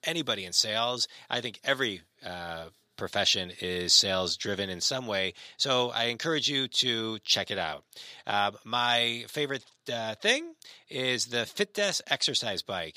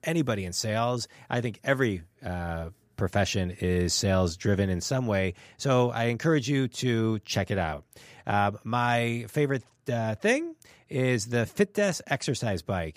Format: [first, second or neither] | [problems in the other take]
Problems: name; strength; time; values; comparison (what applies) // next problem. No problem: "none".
second | thin; somewhat; fading below 1 kHz